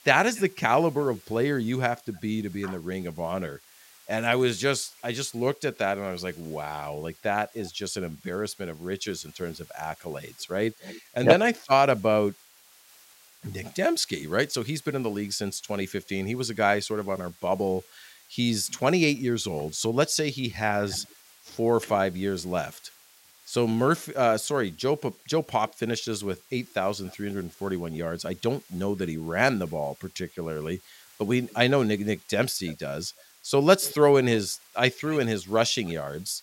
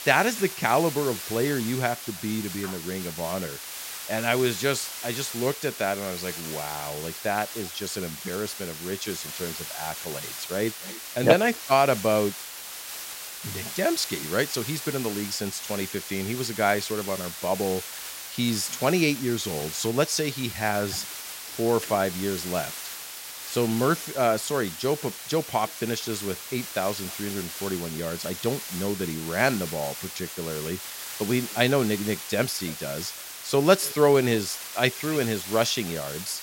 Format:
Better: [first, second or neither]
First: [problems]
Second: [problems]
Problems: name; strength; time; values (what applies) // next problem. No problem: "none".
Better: first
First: hiss; faint; throughout; 25 dB below the speech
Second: hiss; loud; throughout; 8 dB below the speech